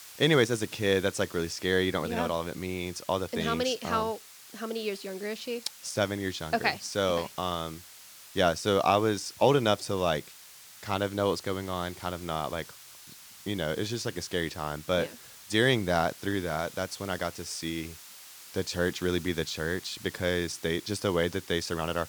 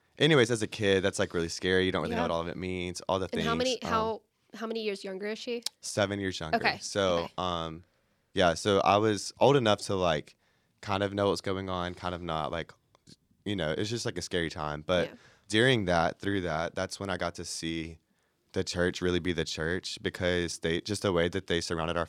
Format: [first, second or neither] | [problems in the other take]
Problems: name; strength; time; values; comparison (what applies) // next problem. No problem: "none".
second | hiss; noticeable; throughout; 15 dB below the speech